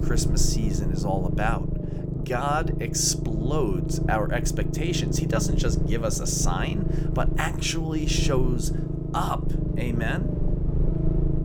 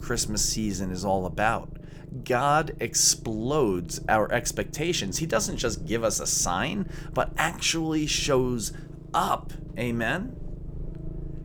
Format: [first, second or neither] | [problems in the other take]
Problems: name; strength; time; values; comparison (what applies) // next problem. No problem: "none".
second | low rumble; loud; throughout; 7 dB below the speech; faint in the second